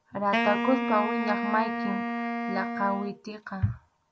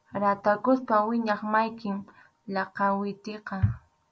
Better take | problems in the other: second | background sound (Wind instrument, woodwind instrument); 1 dB below the speech

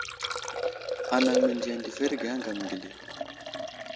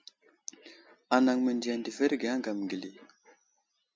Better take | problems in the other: second | background sound (Liquid); as loud as the speech

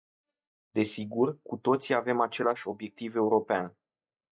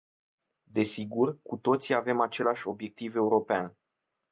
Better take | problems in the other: second | noise reduction (neural mask model DeepFilterNet 3)

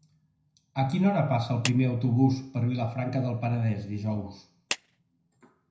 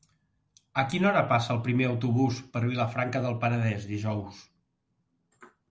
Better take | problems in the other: second | background sound (Clapping); 12 dB below the speech // room echo; dies away in 0.5 s

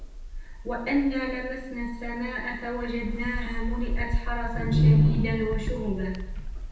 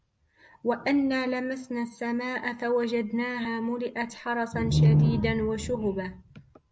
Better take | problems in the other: second | background sound (Bird); 4 dB below the speech // room echo; dies away in 0.9 s

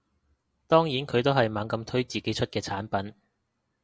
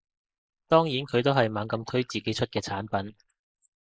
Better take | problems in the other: first | noise reduction (neural mask model Resemble Enhance denoiser)

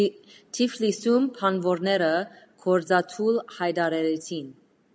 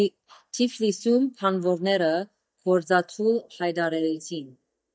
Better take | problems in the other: first | noise reduction (neural mask model DeepFilterNet 3)

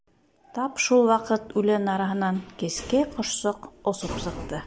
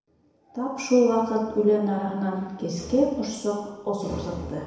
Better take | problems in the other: first | room echo; dies away in 1 s

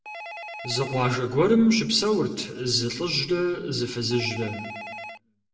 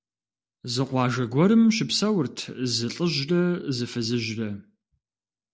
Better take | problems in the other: second | background sound (Telephone); 16 dB below the speech // room echo; dies away in 1 s

